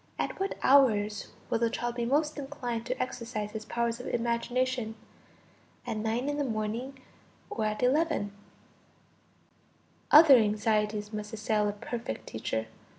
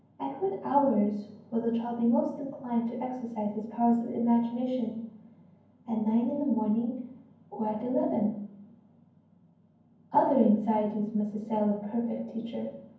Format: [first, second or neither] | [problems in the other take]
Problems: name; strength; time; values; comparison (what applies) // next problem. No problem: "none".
first | room echo; dies away in 0.9 s